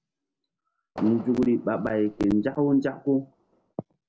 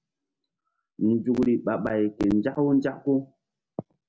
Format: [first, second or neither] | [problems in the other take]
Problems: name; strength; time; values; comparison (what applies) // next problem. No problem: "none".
second | background sound (Fireworks); 19 dB below the speech